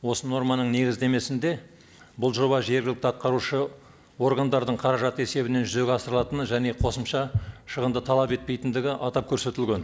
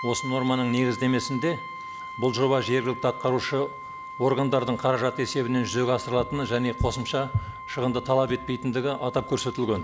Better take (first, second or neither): first